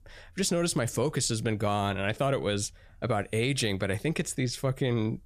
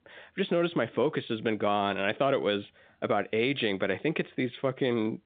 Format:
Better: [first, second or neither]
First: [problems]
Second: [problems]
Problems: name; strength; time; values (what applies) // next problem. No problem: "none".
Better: first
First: none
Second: phone-call audio; nothing above 3.5 kHz